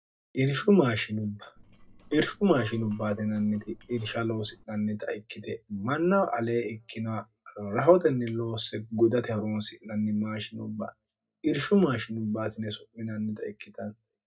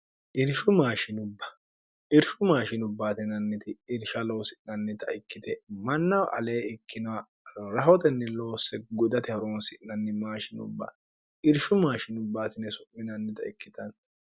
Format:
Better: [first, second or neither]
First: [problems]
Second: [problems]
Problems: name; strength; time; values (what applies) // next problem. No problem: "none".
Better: second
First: noise reduction (neural separator model SepFormer DNS4)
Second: none